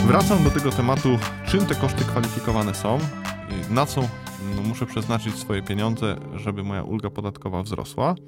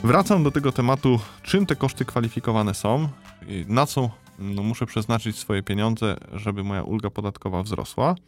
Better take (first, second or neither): second